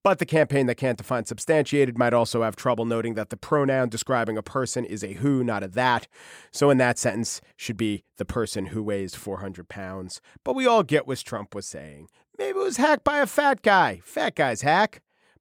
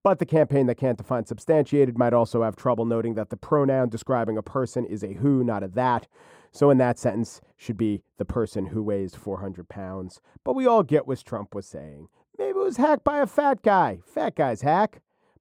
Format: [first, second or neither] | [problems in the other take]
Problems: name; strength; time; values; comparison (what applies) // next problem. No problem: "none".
first | muffled; slightly; fading above 1 kHz